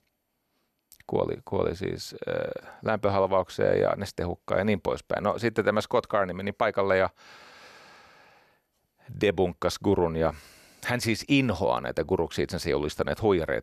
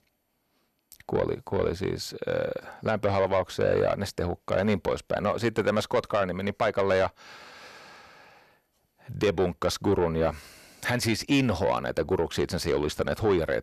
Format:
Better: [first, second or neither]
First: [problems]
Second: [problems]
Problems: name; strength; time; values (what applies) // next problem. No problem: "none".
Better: first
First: none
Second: distortion; slight; 10 dB below the speech